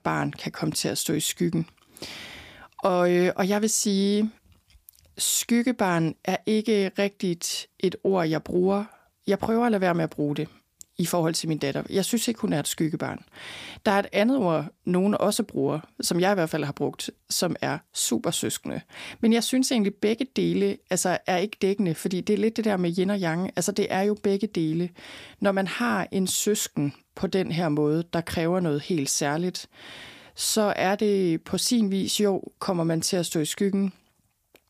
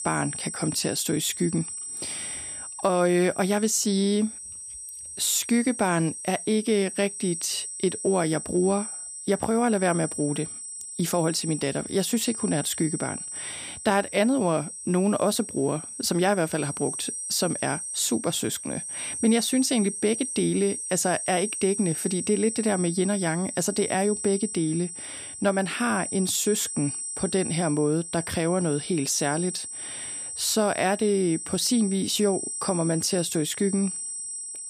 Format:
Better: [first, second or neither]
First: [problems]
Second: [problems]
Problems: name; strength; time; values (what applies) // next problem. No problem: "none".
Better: first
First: none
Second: high-pitched whine; loud; throughout; 8.5 kHz, 7 dB below the speech